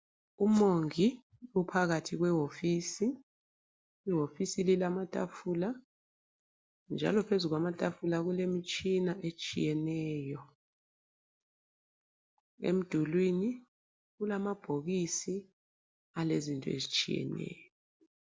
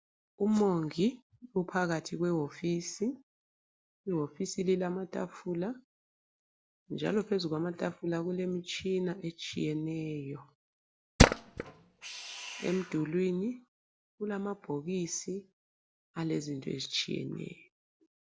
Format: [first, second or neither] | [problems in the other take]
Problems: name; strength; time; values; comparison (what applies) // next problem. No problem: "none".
first | background sound (Tools); 5 dB above the speech